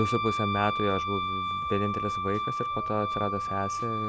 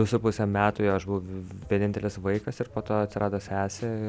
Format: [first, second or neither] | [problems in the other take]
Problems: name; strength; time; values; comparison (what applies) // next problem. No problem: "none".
second | background sound (Wind instrument, woodwind instrument); as loud as the speech